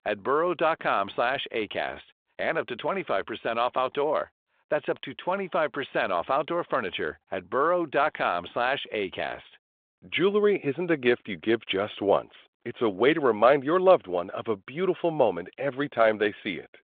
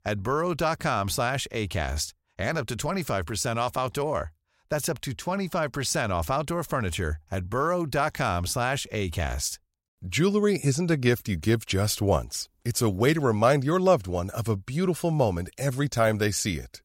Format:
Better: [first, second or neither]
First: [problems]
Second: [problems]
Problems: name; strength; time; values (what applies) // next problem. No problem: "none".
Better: second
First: phone-call audio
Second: none